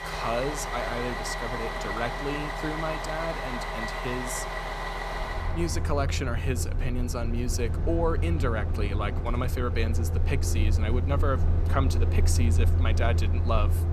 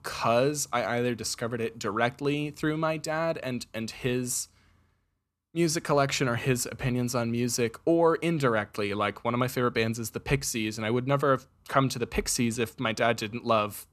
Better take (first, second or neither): second